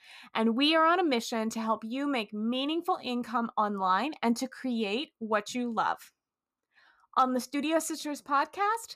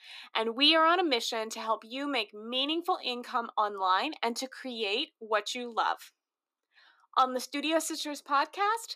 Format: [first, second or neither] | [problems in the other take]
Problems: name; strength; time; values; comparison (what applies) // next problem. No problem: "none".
first | thin; somewhat; fading below 300 Hz